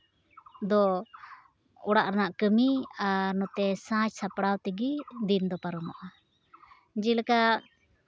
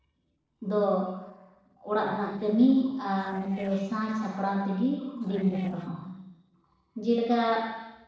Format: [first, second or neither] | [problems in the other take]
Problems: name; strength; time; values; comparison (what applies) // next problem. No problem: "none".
first | noise reduction (neural separator model SepFormer DNS4)